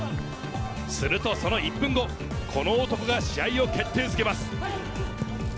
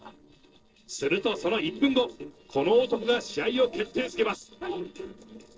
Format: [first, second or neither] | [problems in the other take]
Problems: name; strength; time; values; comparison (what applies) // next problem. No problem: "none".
first | noise reduction (neural separator model SepFormer DNS4)